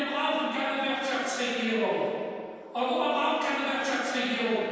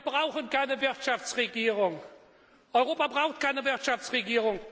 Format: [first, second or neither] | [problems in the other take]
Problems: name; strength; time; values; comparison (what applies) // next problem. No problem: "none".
second | room echo; dies away in 2.1 s